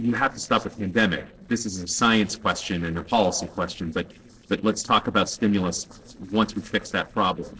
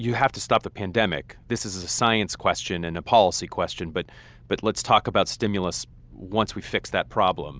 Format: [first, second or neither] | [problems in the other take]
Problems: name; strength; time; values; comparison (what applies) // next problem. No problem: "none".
second | noise reduction (neural separator model SepFormer DNS4)